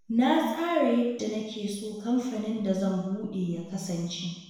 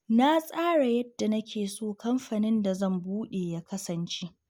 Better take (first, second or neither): second